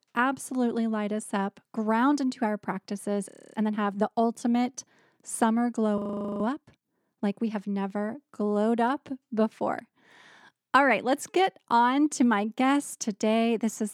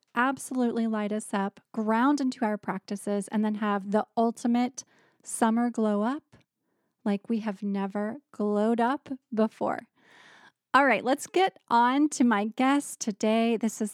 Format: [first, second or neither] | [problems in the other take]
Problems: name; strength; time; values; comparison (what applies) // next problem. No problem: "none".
second | audio freezing; at 3.5 s and at 6 s